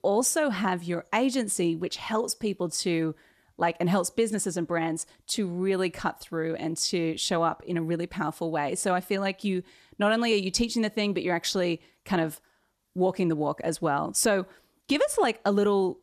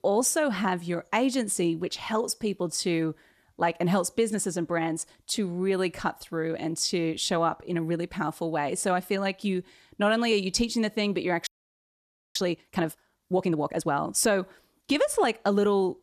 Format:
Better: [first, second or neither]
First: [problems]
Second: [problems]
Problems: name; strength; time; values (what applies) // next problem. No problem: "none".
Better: first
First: none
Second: audio freezing; at 11 s for 1 s